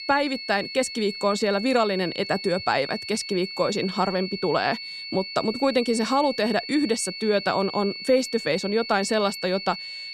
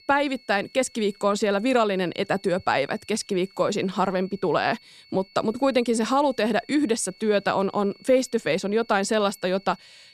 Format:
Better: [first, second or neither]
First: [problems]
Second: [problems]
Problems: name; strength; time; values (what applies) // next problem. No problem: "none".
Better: second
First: high-pitched whine; loud; throughout; 4.5 kHz, 8 dB below the speech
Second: high-pitched whine; faint; throughout; 4.5 kHz, 25 dB below the speech